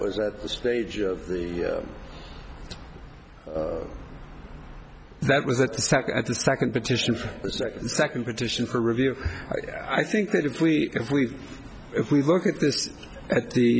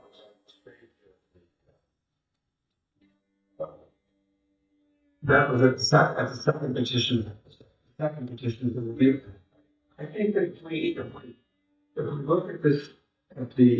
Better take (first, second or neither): first